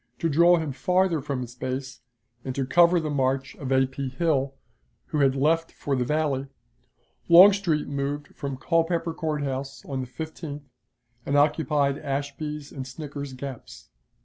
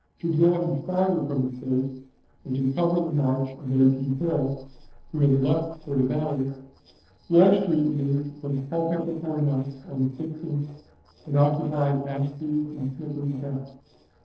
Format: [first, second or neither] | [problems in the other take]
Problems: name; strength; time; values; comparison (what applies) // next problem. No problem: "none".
first | noise reduction (neural separator model SepFormer DNS4)